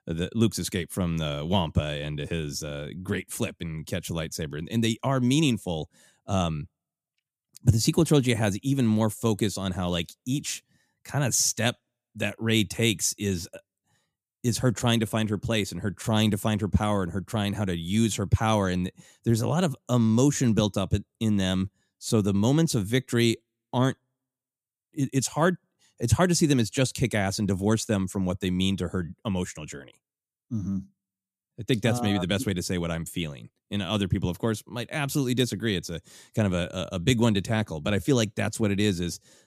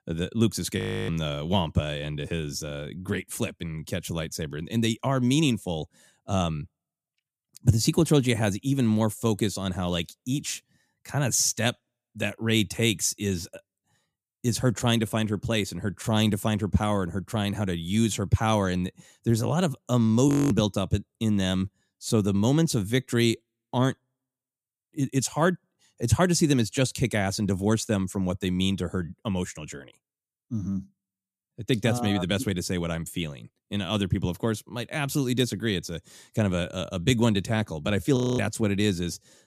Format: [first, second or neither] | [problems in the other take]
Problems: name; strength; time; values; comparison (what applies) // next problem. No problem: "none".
first | audio freezing; at 1 s, at 20 s and at 38 s